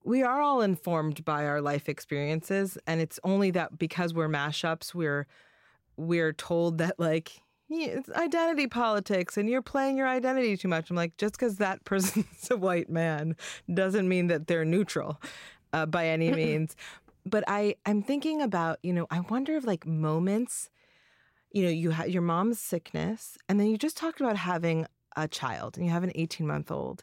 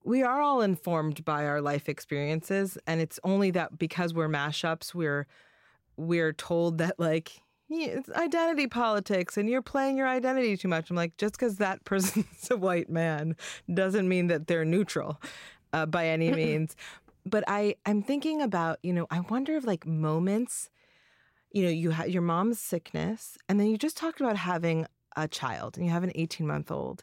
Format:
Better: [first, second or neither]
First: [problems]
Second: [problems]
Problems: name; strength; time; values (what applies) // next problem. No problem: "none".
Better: neither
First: none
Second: none